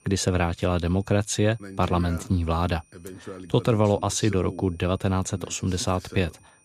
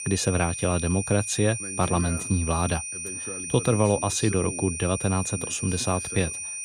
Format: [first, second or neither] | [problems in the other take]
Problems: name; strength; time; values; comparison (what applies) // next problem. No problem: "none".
first | high-pitched whine; loud; throughout; 9 kHz, 5 dB below the speech; faint in the first